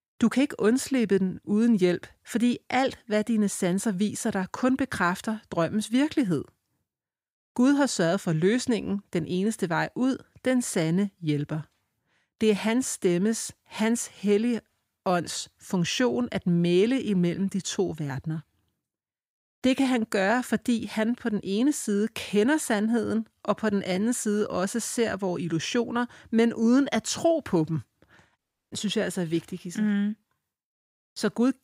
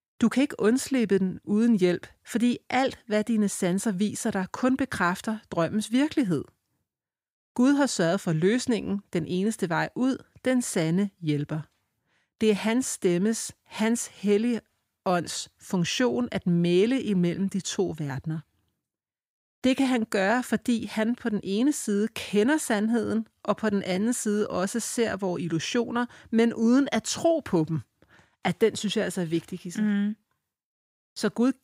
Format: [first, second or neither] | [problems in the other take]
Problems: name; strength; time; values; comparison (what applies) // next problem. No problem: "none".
second | audio cutting out; at 28 s